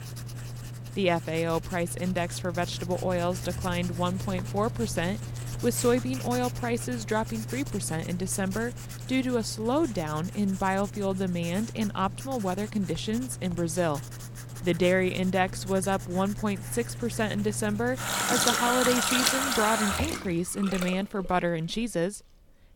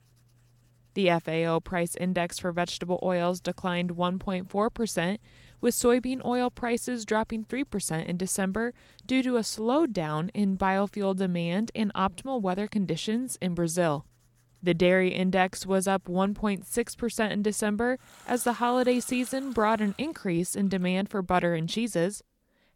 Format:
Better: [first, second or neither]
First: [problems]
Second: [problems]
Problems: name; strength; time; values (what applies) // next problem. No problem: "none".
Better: second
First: household noises; loud; throughout; 4 dB below the speech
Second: household noises; faint; throughout; 30 dB below the speech